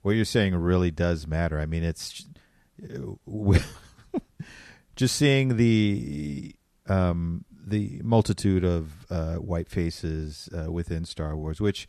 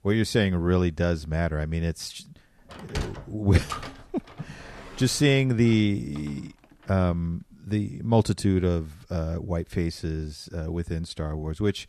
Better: first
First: none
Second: door banging; noticeable; from 2.5 to 6 s; peak 9 dB below the speech

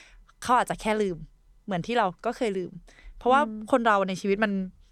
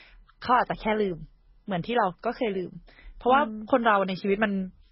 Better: first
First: none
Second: garbled, watery; badly; nothing above 5.5 kHz

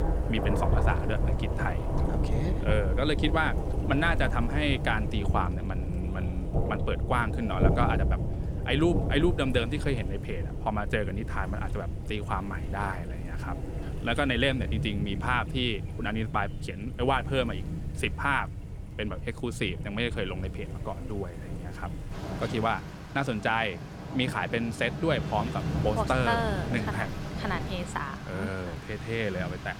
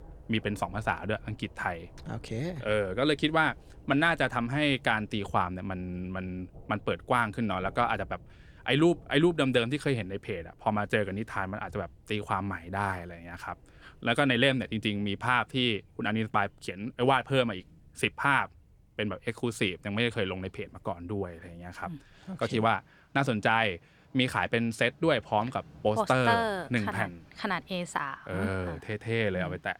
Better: second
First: rain or running water; loud; throughout; 2 dB below the speech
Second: rain or running water; faint; throughout; 25 dB below the speech

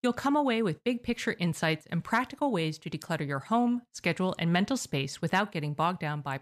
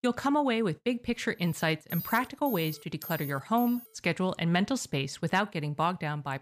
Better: first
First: none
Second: alarm; noticeable; from 1.5 to 4 s; peak 8 dB below the speech

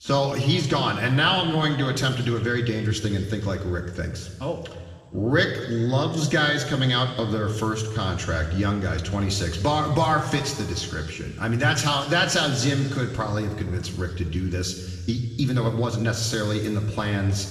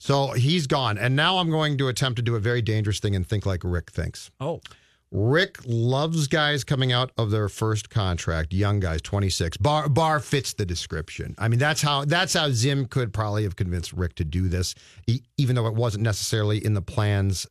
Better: second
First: room echo; noticeable; dies away in 2.1 s // off-mic speech; far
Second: none

